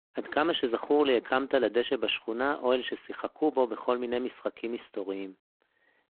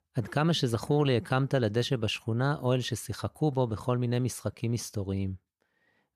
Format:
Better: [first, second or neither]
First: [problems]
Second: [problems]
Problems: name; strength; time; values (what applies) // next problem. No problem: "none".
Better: second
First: phone-call audio; poor line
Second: none